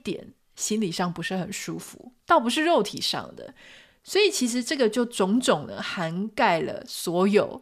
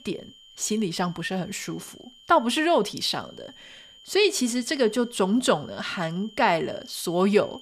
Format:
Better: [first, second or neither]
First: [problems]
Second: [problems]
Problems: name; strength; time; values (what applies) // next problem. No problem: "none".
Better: first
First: none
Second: high-pitched whine; faint; throughout; 3 kHz, 25 dB below the speech